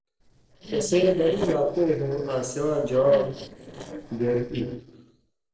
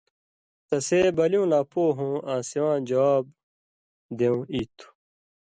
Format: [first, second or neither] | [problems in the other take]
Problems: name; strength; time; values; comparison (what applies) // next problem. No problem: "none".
second | noise reduction (neural separator model SepFormer DNS4)